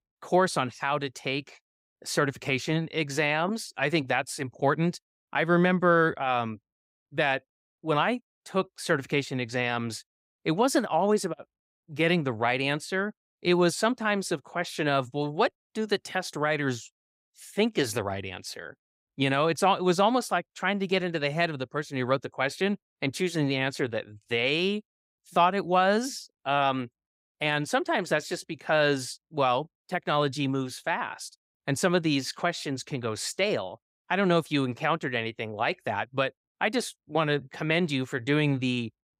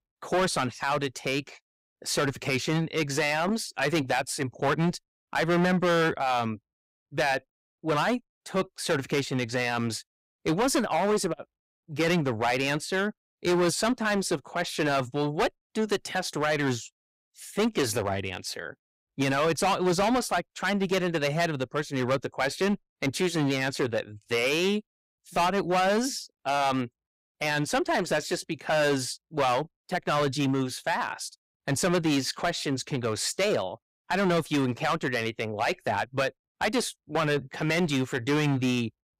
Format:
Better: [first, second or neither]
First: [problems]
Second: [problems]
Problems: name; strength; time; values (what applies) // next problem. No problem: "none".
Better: first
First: none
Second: distortion; heavy; 10% of the sound clipped